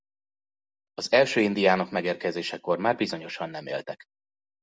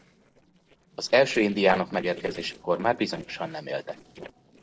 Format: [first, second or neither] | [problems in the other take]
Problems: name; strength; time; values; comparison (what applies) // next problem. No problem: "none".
first | noise reduction (neural separator model SepFormer DNS4)